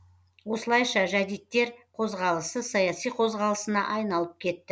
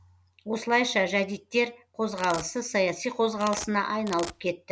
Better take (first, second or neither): first